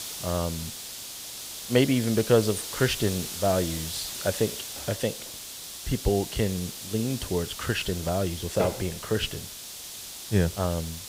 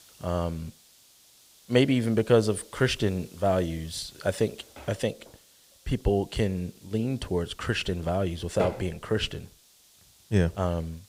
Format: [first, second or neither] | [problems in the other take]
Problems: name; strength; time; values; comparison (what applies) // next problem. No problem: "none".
second | hiss; loud; throughout; 8 dB below the speech; faint in the second